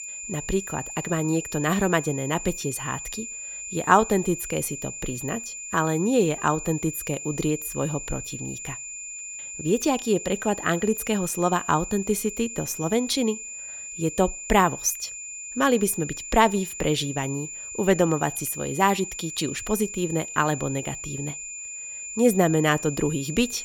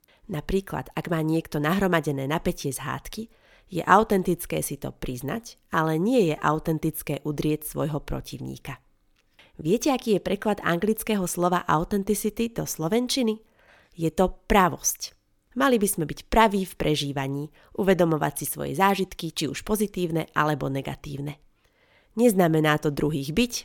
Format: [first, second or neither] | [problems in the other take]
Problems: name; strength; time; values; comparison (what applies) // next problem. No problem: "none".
second | high-pitched whine; loud; throughout; 7 kHz, 9 dB below the speech